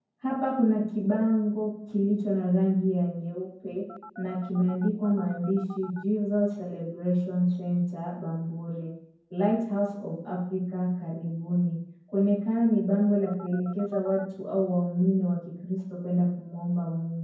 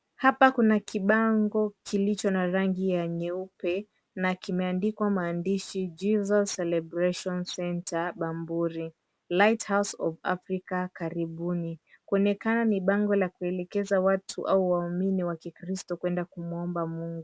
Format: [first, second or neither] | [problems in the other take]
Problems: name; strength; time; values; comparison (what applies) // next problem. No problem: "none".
second | background sound (Telephone); 19 dB below the speech // room echo; dies away in 0.9 s